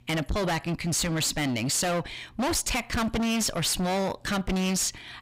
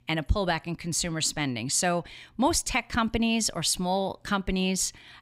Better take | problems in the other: second | distortion; heavy; 35% of the sound clipped

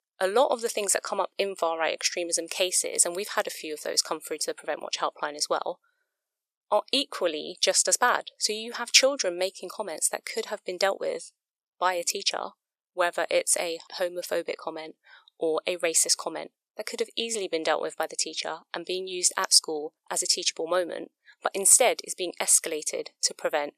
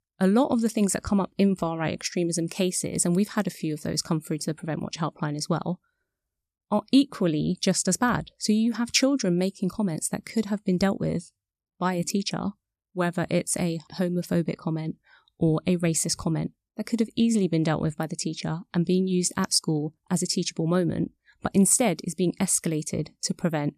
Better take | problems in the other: second | thin; very; fading below 500 Hz

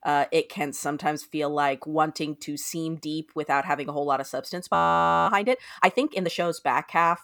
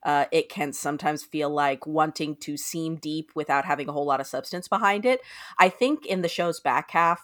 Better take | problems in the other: second | audio freezing; at 5 s for 0.5 s

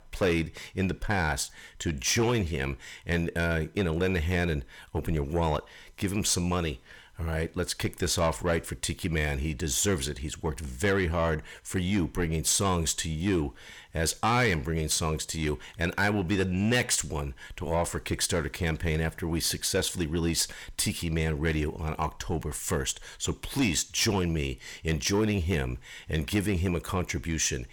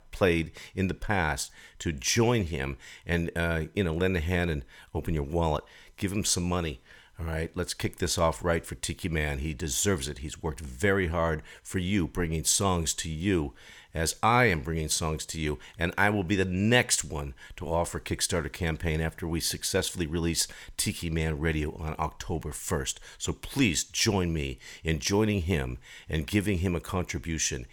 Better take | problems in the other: second | distortion; slight; 10 dB below the speech

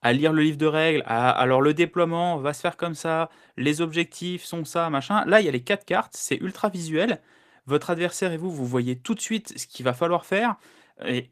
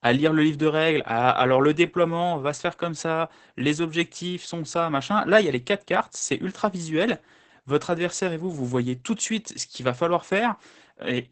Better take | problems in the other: first | garbled, watery; badly; nothing above 8 kHz; slightly in the first

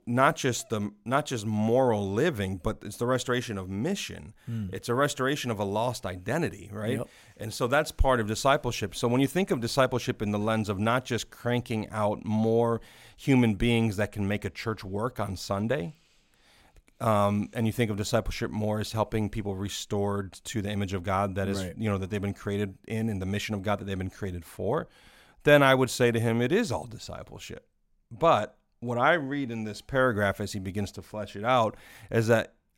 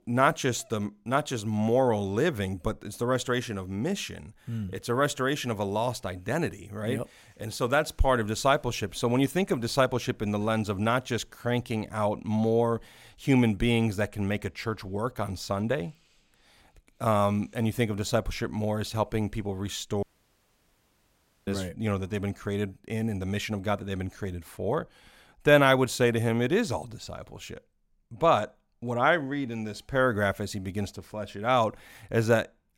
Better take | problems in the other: first | audio cutting out; at 20 s for 1.5 s

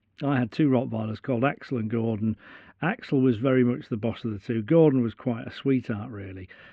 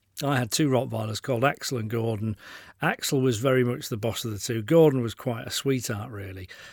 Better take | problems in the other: second | muffled; very; fading above 2.5 kHz

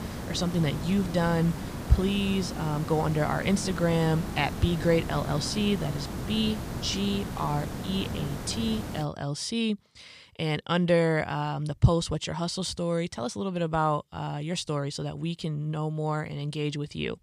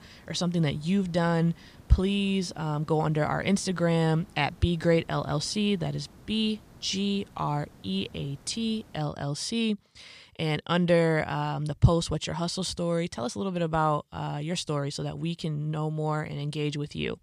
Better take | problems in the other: second | hiss; loud; until 9 s; 7 dB below the speech; faint in the second

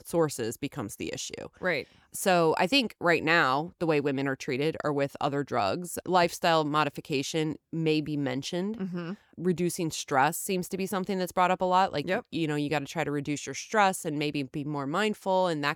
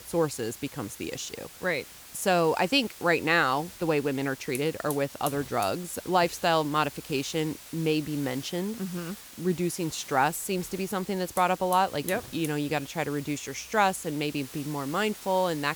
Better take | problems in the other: first | hiss; noticeable; throughout; 15 dB below the speech

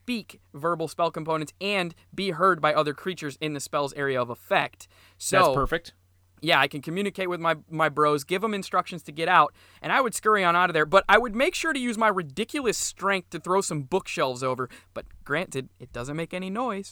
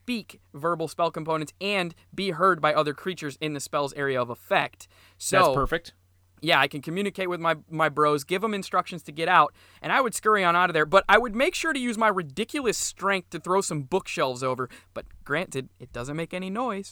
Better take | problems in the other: neither | none

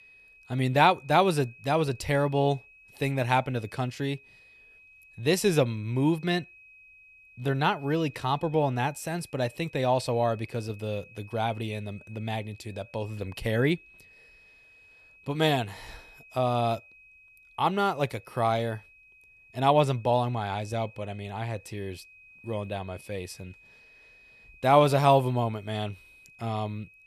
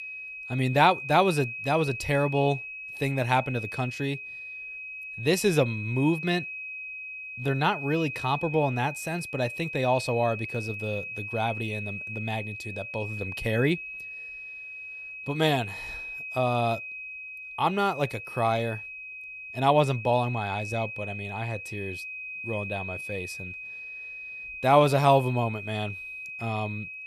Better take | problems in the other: first | high-pitched whine; loud; throughout; 2.5 kHz, 8 dB below the speech; faint in the first

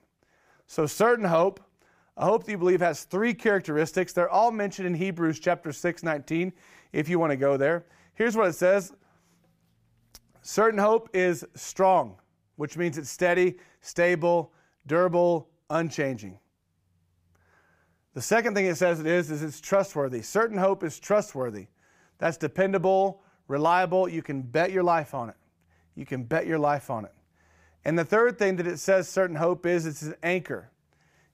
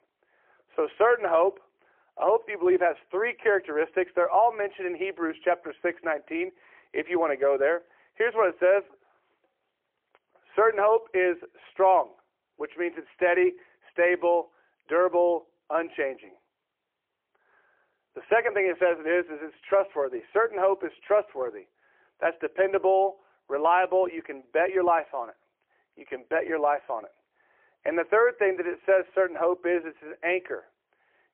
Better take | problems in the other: first | phone-call audio; poor line

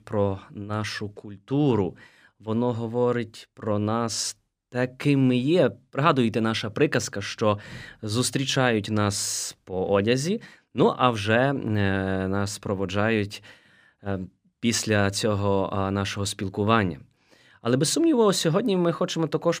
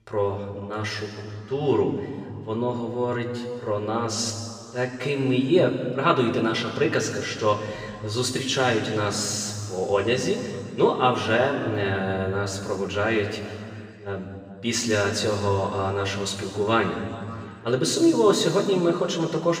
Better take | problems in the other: first | room echo; noticeable; dies away in 2.2 s // off-mic speech; somewhat distant

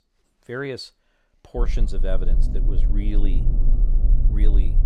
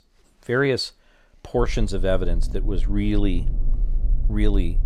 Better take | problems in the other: second | low rumble; loud; from 1.5 s on; 9 dB below the speech; faint in the second

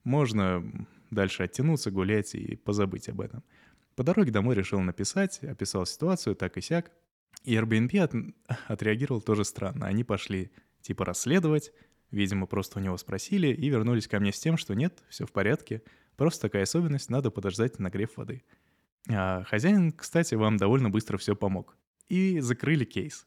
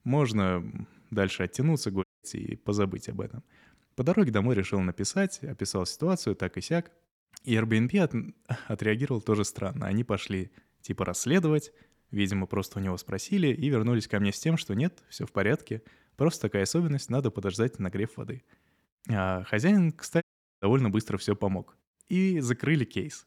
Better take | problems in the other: first | audio cutting out; at 2 s and at 20 s

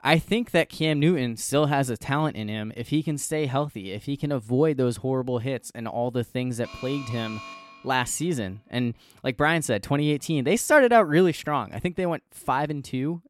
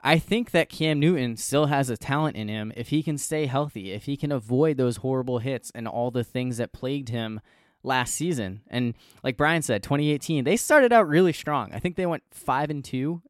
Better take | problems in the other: second | alarm; faint; from 6.5 to 8 s; peak 15 dB below the speech

